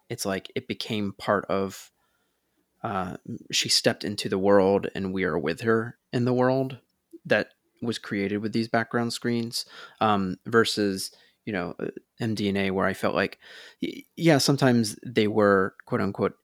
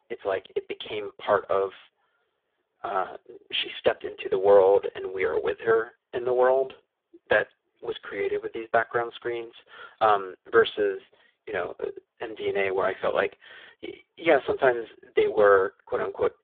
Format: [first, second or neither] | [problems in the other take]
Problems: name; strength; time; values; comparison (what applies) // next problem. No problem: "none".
first | phone-call audio; poor line